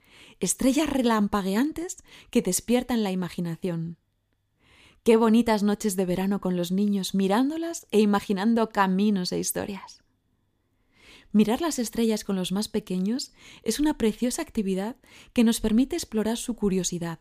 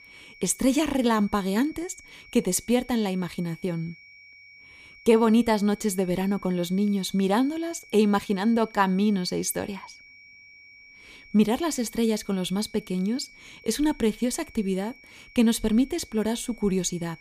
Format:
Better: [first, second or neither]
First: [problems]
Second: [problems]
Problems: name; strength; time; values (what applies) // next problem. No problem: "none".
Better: first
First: none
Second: high-pitched whine; faint; throughout; 2.5 kHz, 25 dB below the speech